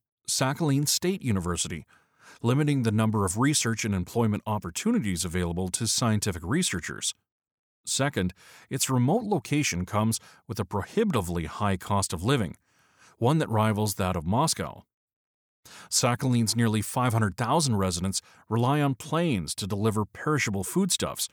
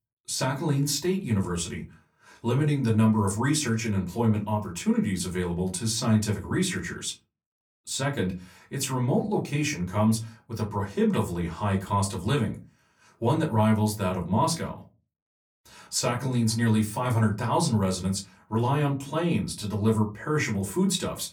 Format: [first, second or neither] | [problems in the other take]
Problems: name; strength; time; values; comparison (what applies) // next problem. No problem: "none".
first | off-mic speech; far // room echo; very slight; dies away in 0.3 s